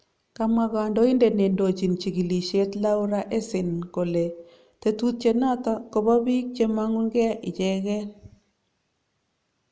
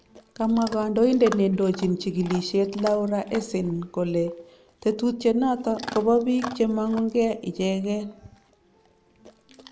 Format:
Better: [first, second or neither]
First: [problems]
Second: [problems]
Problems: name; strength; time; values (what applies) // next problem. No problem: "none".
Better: first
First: none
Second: background sound (Chewing, mastication / Dog); 18 dB below the speech